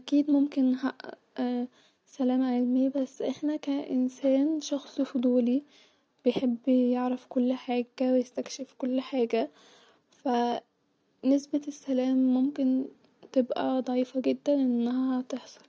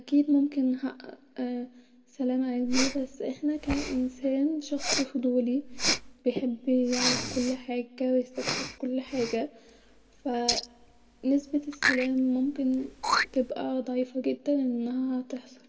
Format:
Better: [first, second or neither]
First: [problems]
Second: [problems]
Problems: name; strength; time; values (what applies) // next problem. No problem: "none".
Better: first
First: none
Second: background sound (Respiratory sounds); 6 dB below the speech // room echo; dies away in 0.8 s